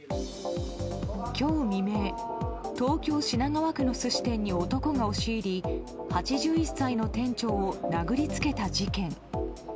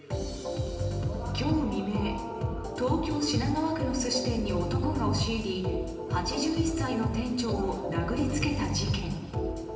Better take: first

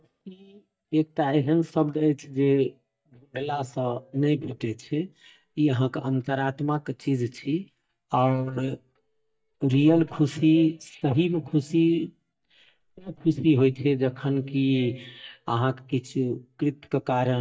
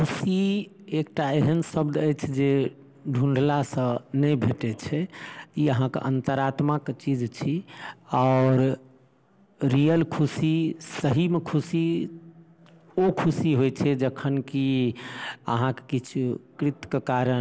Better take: second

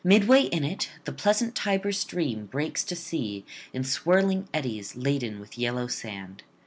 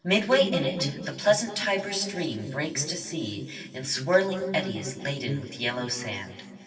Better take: first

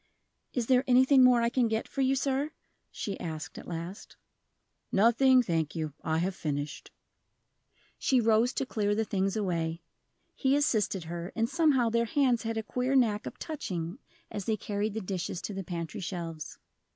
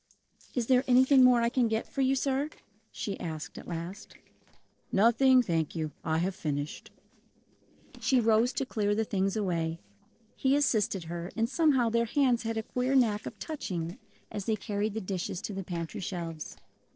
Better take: first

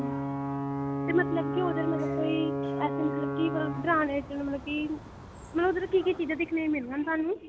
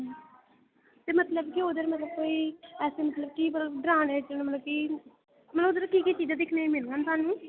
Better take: second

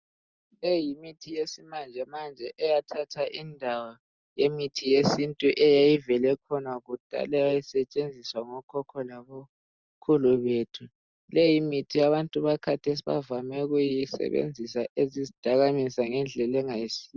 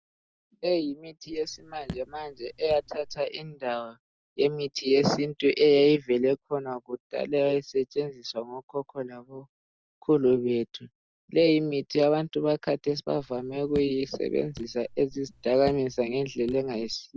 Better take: first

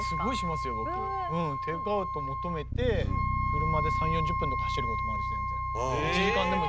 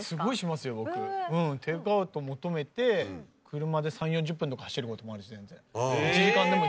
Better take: second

